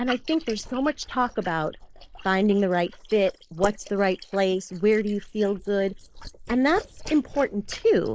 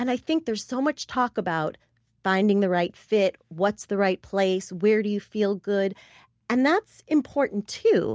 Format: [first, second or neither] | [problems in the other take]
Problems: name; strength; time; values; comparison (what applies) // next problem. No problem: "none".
second | noise reduction (neural mask model Resemble Enhance denoiser)